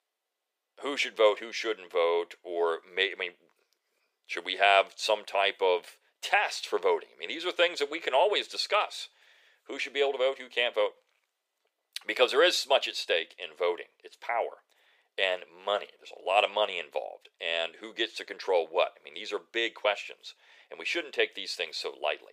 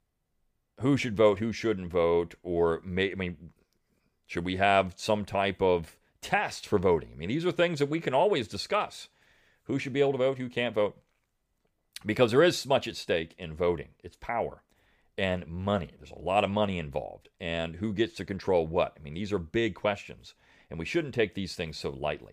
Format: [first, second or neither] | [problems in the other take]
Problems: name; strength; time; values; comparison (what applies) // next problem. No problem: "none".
second | thin; very; fading below 450 Hz